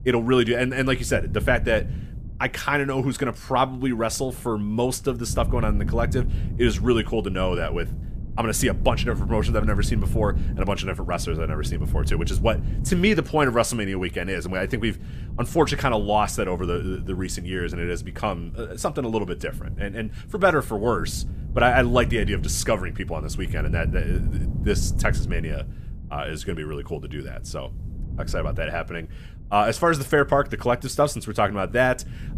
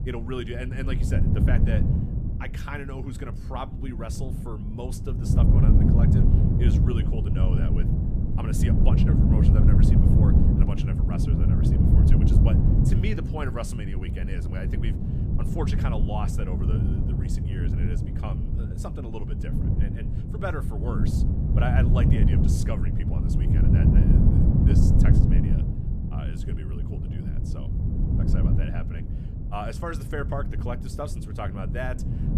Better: first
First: wind noise on the microphone; occasional gusts; 20 dB below the speech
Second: wind noise on the microphone; heavy; 2 dB above the speech

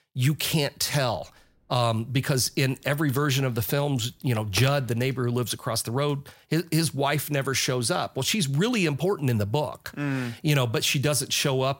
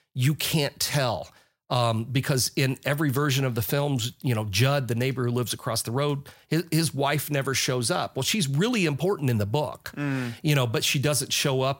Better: second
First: phone ringing; noticeable; from 3 to 4.5 s; peak 10 dB below the speech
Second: none

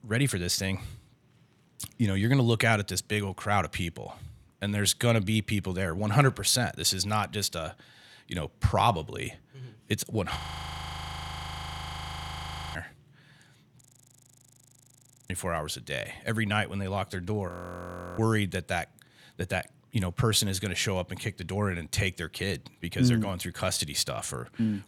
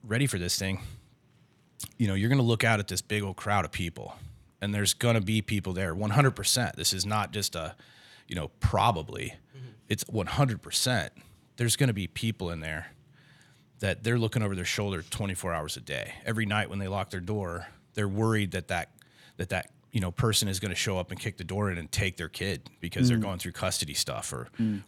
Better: second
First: audio freezing; at 10 s for 2.5 s, at 14 s for 1.5 s and at 17 s for 0.5 s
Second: none

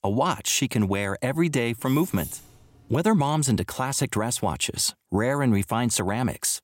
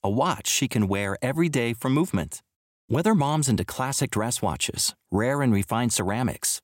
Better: second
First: jangling keys; faint; from 2 to 3 s; peak 10 dB below the speech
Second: none

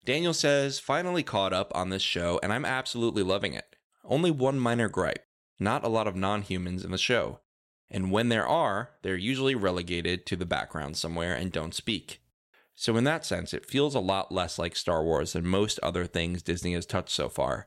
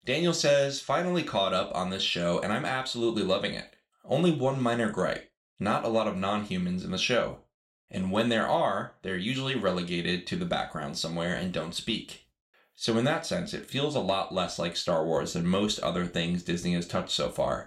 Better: first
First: none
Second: room echo; very slight; dies away in 0.3 s

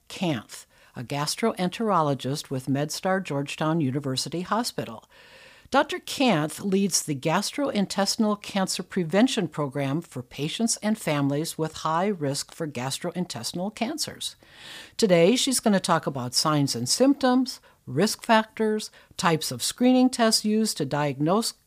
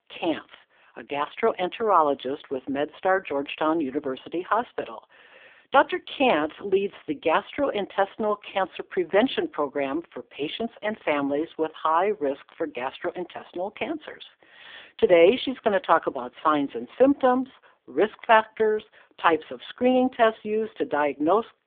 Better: first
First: none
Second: phone-call audio; poor line

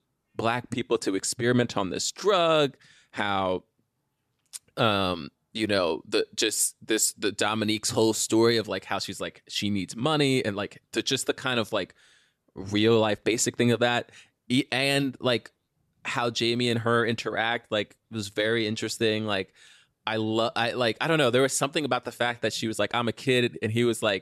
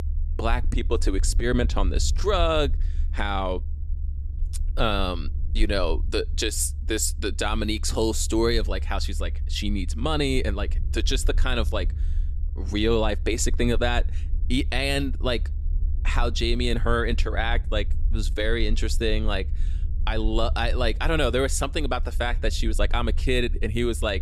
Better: first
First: none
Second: low rumble; faint; throughout; 20 dB below the speech

